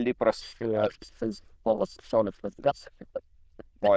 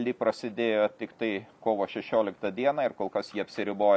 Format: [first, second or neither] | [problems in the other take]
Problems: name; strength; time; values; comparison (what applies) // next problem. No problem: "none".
second | noise reduction (neural diffusion model UNIVERSE++)